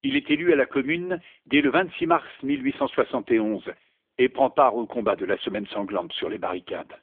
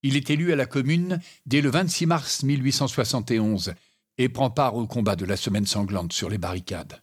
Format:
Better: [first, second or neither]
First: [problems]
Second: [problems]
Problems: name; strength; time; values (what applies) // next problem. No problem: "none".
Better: second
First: phone-call audio; poor line; nothing above 3.5 kHz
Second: none